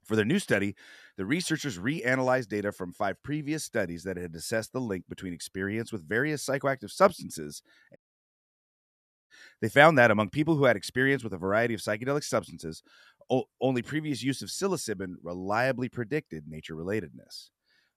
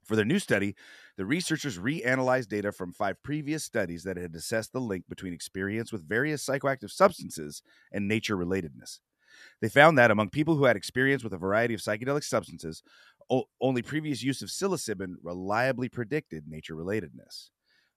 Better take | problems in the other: second | audio cutting out; at 8 s for 1.5 s

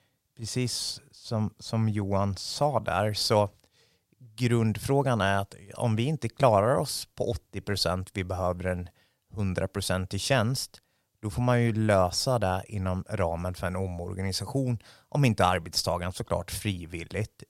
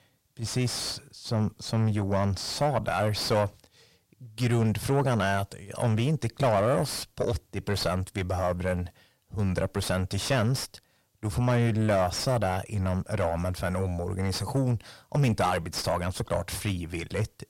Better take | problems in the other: first | distortion; heavy; 7 dB below the speech

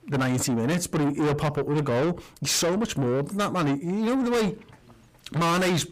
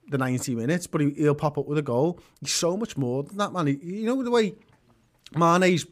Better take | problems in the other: second | distortion; heavy; 6 dB below the speech

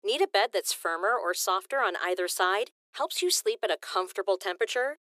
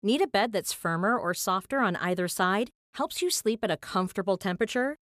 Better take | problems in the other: second | thin; very; fading below 350 Hz

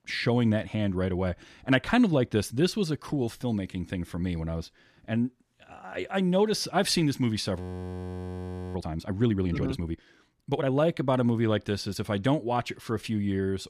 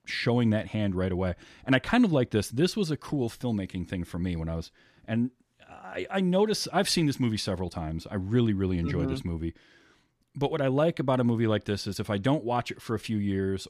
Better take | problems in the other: second | audio freezing; at 7.5 s for 1 s

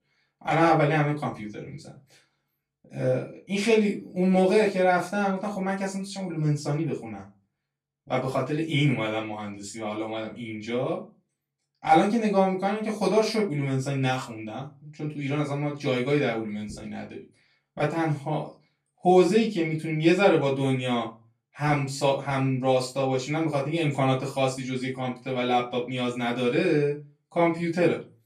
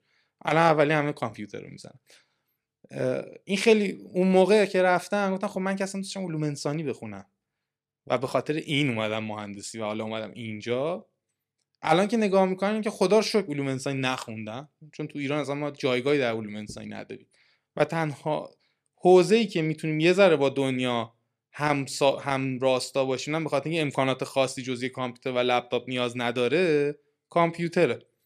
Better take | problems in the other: second | off-mic speech; far // room echo; very slight; dies away in 0.2 s

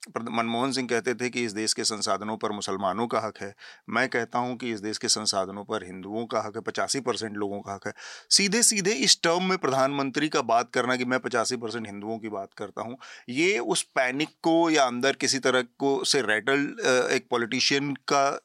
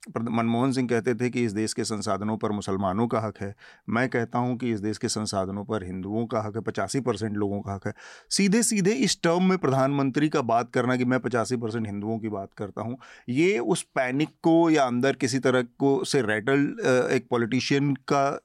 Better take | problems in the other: second | thin; very slightly; fading below 1 kHz

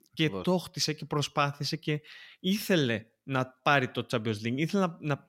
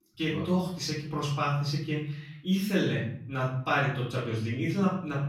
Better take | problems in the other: first | off-mic speech; far // room echo; noticeable; dies away in 0.8 s

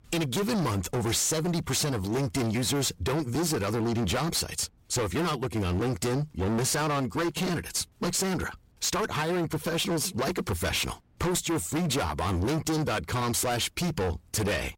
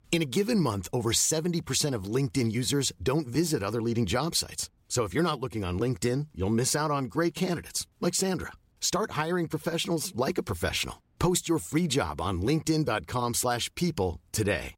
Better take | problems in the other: second | distortion; heavy; 30% of the sound clipped

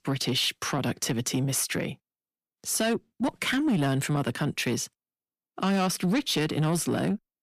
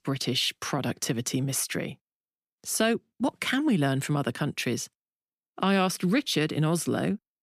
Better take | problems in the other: second | distortion; slight; 10 dB below the speech

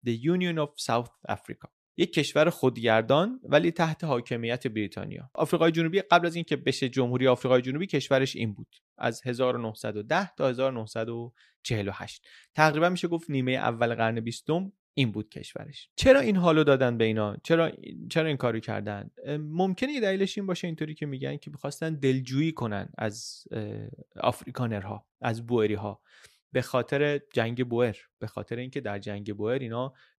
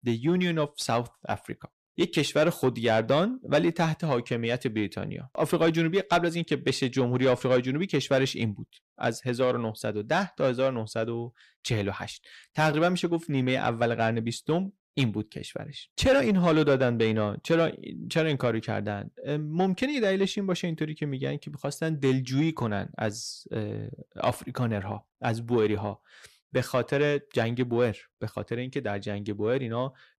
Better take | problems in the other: first | distortion; slight; 10 dB below the speech

